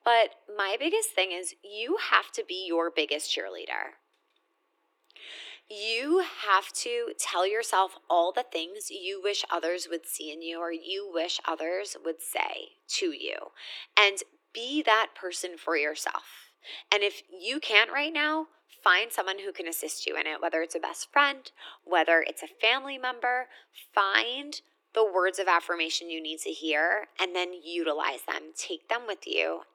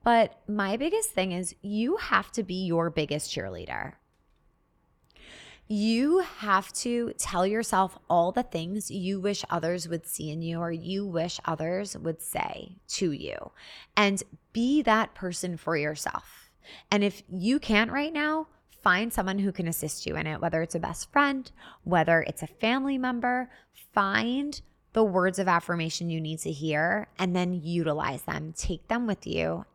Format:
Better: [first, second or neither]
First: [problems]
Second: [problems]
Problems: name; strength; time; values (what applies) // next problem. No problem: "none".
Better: second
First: thin; very; fading below 300 Hz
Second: none